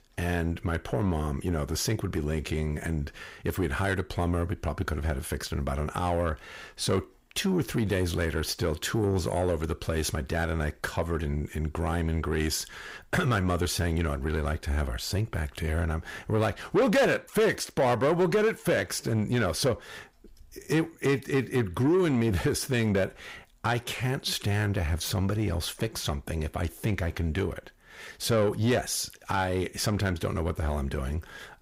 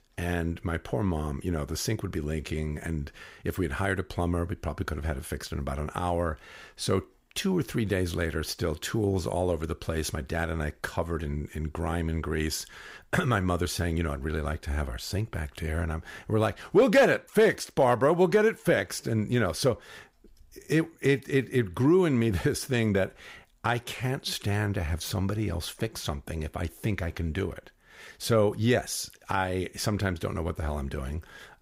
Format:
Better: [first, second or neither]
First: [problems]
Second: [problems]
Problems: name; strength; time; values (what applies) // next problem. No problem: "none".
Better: second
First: distortion; slight; 10 dB below the speech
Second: none